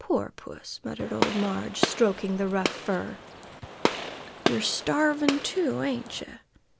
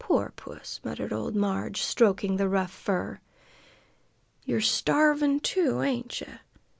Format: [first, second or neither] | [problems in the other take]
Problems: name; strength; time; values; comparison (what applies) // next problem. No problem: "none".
second | background sound (Gunshot, gunfire); 3 dB below the speech